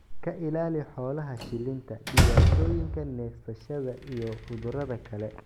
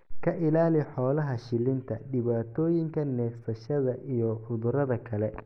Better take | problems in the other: second | background sound (Slam); 5 dB above the speech

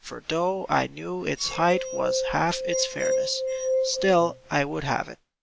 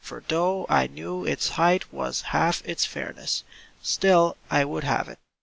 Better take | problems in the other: second | background sound (Glass); 2 dB below the speech

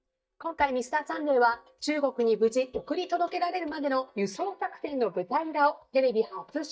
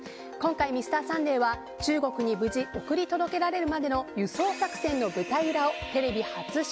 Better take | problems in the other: second | noise reduction (neural mask model DeepFilterNet 3)

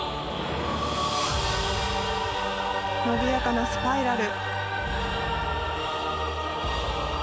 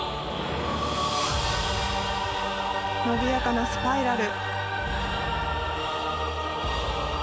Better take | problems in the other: second | background sound (Wind instrument, woodwind instrument); 13 dB below the speech

